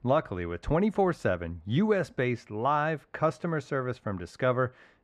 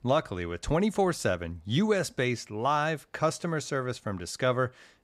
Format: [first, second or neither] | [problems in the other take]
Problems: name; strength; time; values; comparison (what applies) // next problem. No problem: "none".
second | muffled; slightly; fading above 3.5 kHz